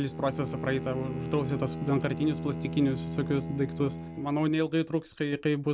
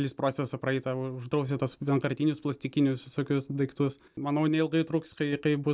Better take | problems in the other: second | background sound (Bowed string instrument); 7 dB below the speech

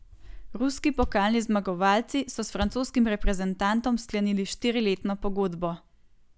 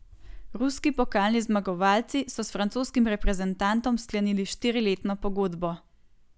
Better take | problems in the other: second | background sound (Bass drum); 16 dB below the speech

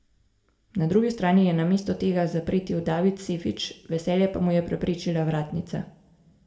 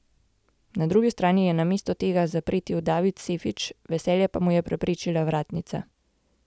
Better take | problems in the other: second | room echo; dies away in 0.6 s

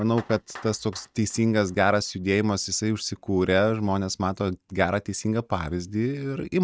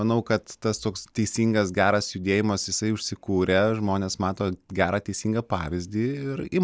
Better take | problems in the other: second | noise reduction (neural mask model RNNoise)

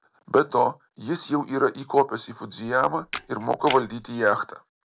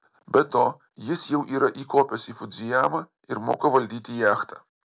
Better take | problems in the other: second | background sound (Camera); 13 dB below the speech

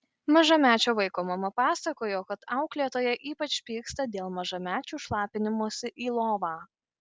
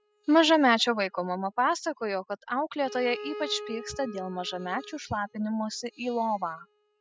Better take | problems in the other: first | noise reduction (classical method spectral subtraction)

